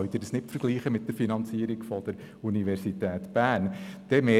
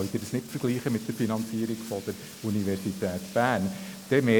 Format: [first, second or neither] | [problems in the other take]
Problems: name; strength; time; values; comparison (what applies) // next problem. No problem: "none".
first | background sound (Bathtub (filling or washing)); 18 dB below the speech